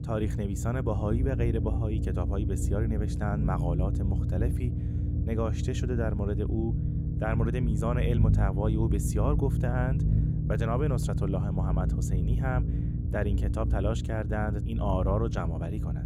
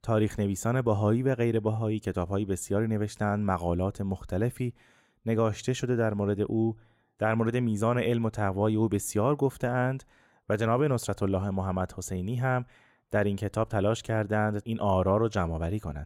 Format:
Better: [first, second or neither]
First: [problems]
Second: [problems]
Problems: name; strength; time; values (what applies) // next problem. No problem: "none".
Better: second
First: low rumble; loud; throughout; 6 dB below the speech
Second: none